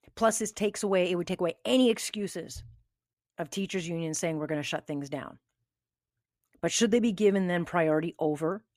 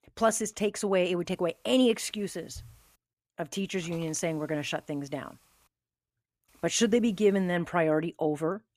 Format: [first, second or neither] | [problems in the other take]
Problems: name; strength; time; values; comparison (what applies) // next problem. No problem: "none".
first | hiss; very faint; from 1.5 to 3 s, from 3.5 to 5.5 s and from 6.5 to 7.5 s; 30 dB below the speech